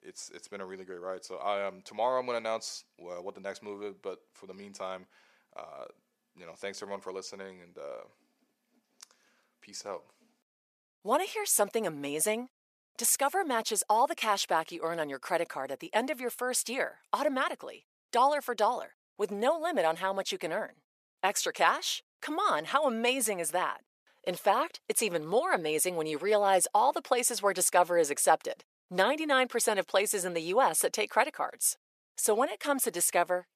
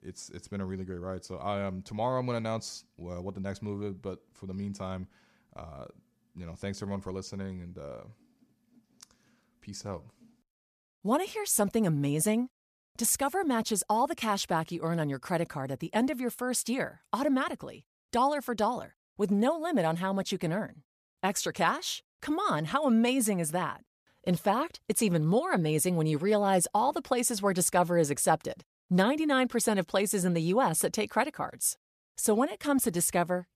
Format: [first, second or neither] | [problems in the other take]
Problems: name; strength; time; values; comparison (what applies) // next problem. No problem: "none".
second | thin; somewhat; fading below 500 Hz